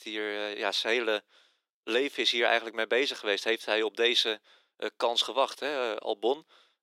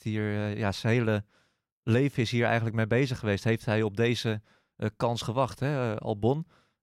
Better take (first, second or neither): second